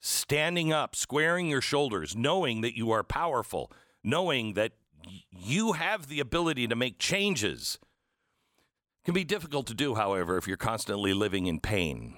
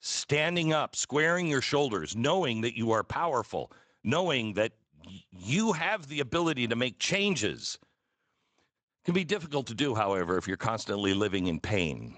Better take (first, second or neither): first